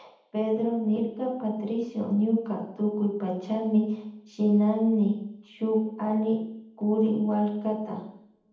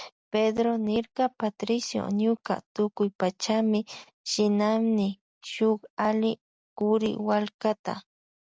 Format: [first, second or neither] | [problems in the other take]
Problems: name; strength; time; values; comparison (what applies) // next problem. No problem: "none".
second | room echo; dies away in 0.8 s